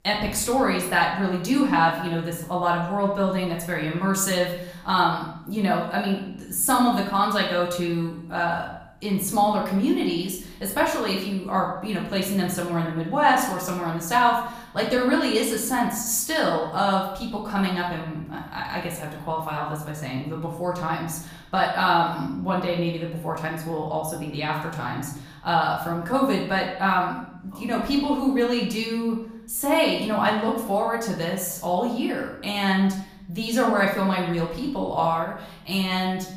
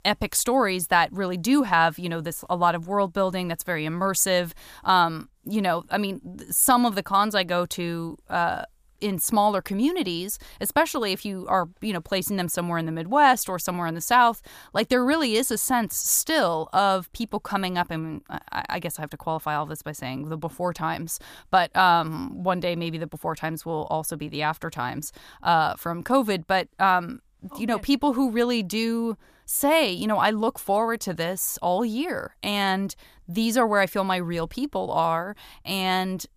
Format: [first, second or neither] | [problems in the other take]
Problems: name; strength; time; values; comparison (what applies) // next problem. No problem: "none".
second | off-mic speech; far // room echo; noticeable; dies away in 0.8 s